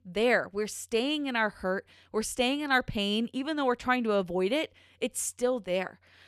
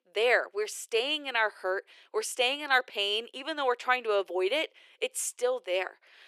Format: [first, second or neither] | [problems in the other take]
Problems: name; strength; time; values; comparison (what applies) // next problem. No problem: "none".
first | thin; very; fading below 350 Hz